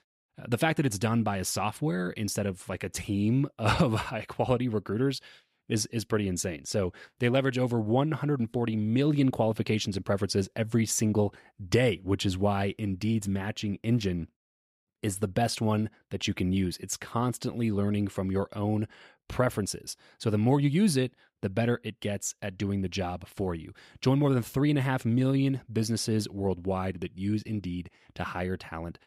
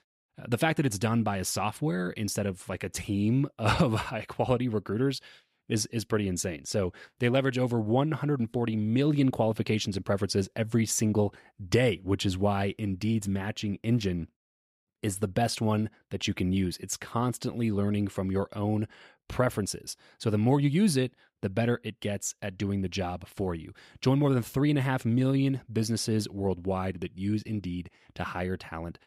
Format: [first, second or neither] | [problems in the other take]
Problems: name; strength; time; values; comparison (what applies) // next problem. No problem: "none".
neither | none